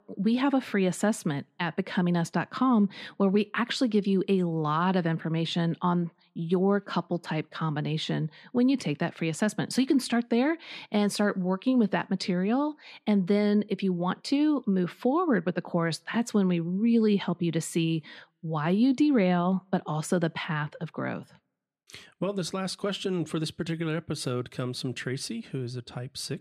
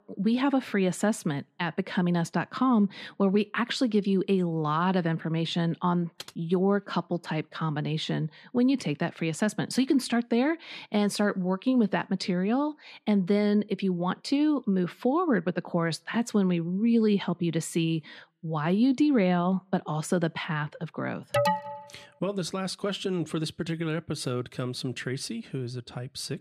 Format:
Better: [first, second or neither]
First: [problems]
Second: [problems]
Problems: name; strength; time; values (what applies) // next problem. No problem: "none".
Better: first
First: none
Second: keyboard typing; faint; at 6 s; peak 15 dB below the speech // alarm; loud; at 21 s; peak 2 dB above the speech